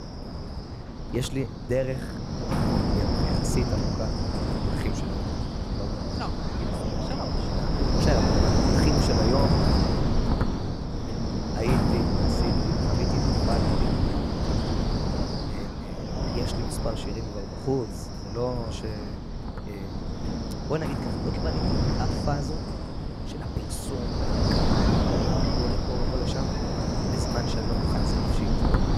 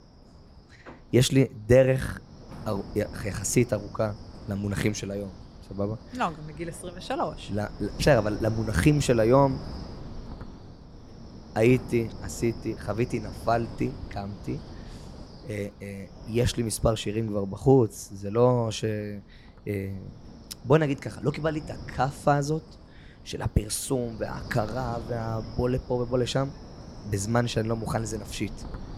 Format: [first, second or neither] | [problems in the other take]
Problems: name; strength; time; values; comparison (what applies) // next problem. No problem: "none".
second | wind noise on the microphone; heavy; 4 dB above the speech; occasional gusts in the second